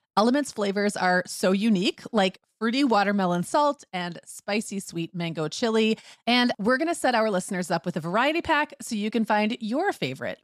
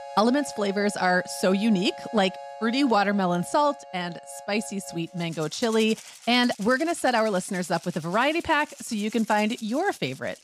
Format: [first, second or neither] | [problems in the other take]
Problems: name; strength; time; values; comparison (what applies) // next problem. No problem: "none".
first | background music; noticeable; throughout; 15 dB below the speech